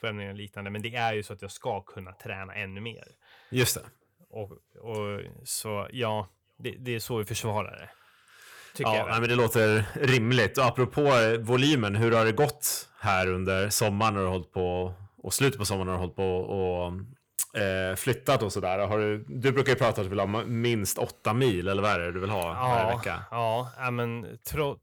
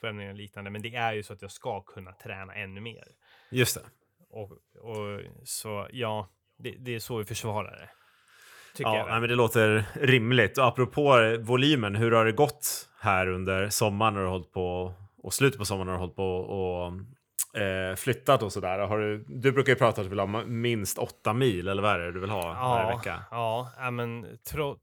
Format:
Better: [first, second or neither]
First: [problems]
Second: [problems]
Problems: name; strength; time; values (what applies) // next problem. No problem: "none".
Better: second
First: distortion; slight; 10 dB below the speech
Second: none